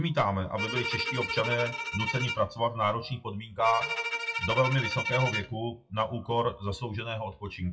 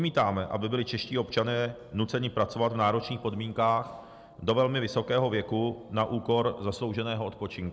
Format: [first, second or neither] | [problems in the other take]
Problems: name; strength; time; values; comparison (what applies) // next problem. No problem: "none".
second | noise reduction (classical method WPE with log-MMSE)